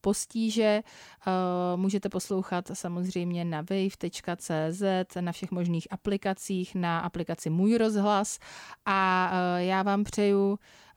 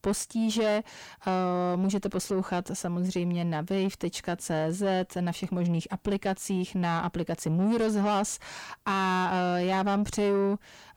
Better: first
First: none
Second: distortion; slight; 10 dB below the speech

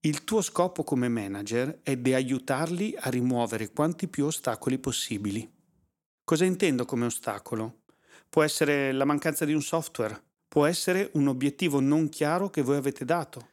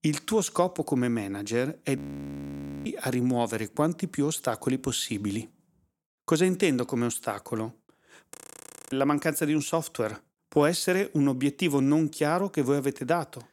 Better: first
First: none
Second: audio freezing; at 2 s for 1 s and at 8.5 s for 0.5 s

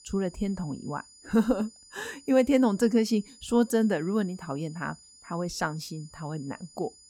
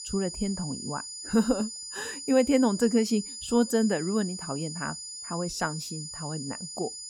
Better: first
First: high-pitched whine; faint; throughout; 7 kHz, 25 dB below the speech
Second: high-pitched whine; loud; throughout; 7 kHz, 8 dB below the speech

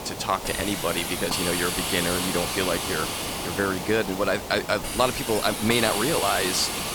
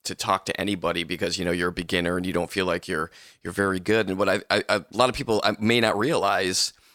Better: second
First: hiss; loud; throughout; 2 dB below the speech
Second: none

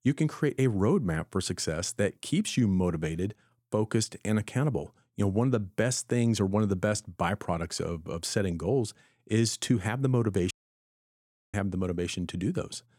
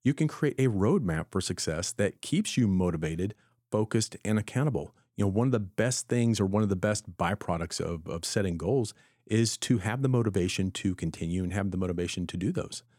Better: second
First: audio cutting out; at 11 s for 1 s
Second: none

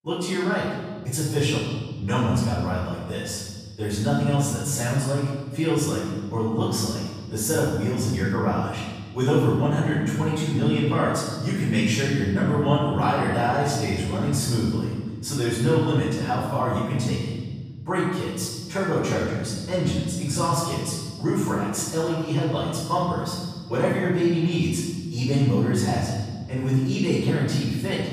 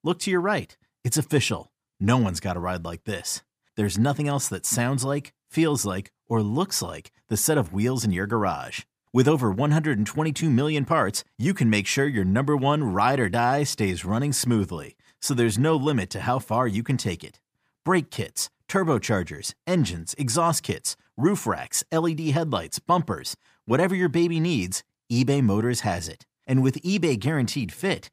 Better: second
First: off-mic speech; far // room echo; strong; dies away in 1.6 s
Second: none

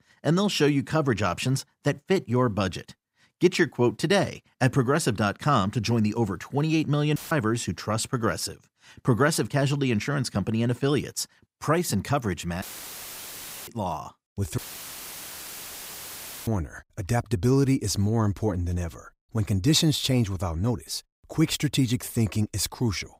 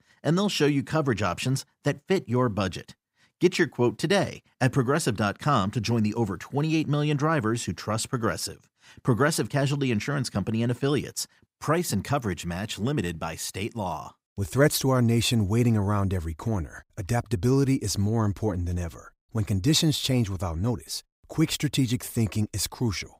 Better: second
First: audio cutting out; filled with static; at 7 s, at 13 s for 1 s and at 15 s for 2 s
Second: none

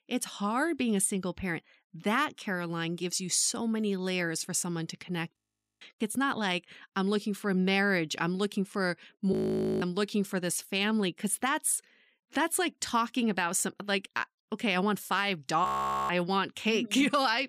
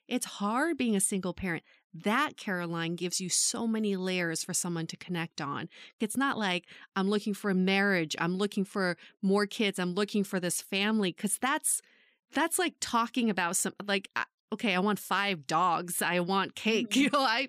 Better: second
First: audio freezing; at 5.5 s, at 9.5 s and at 16 s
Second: none

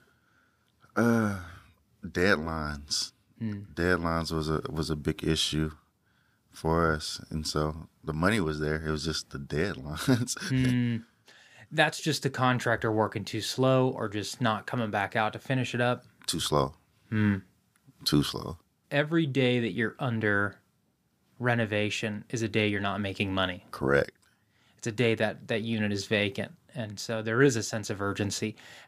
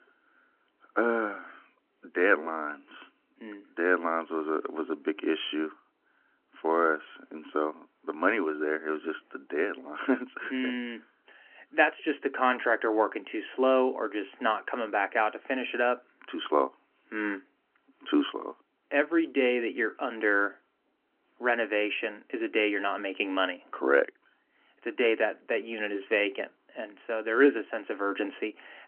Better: first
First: none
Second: phone-call audio; nothing above 3 kHz

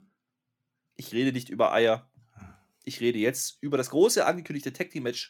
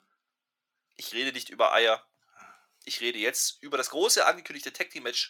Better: first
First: none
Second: thin; somewhat; fading below 650 Hz

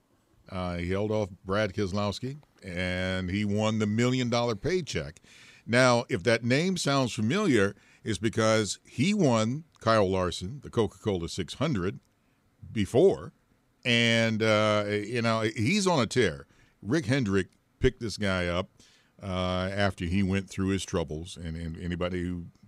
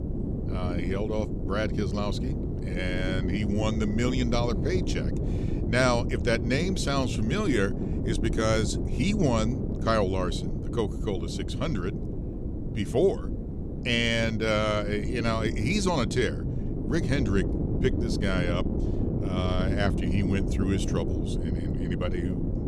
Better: first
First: none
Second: wind noise on the microphone; heavy; 8 dB below the speech

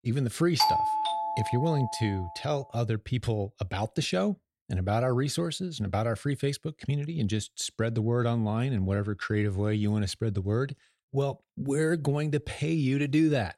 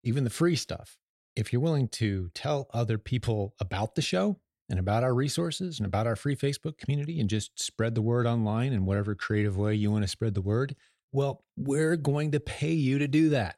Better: second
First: doorbell; loud; from 0.5 to 2 s; peak 5 dB above the speech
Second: none

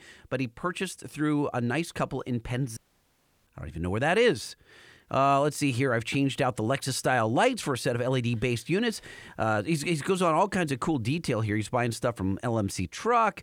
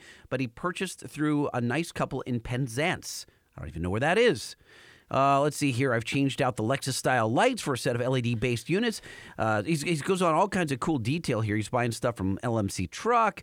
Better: second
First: audio cutting out; at 3 s for 0.5 s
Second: none

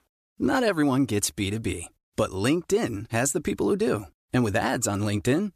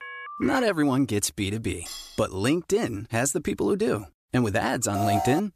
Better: first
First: none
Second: phone ringing; faint; at the start; peak 10 dB below the speech // clattering dishes; faint; at 2 s; peak 10 dB below the speech // alarm; noticeable; at 5 s; peak 1 dB below the speech

